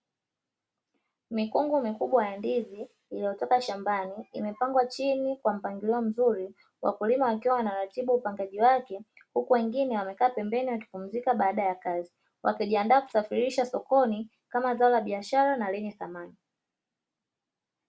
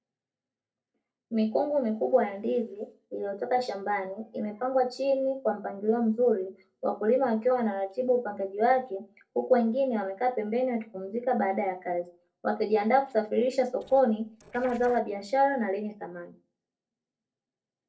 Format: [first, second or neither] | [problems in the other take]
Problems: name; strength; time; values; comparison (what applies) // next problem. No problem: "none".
first | noise reduction (neural separator model SepFormer DNS4)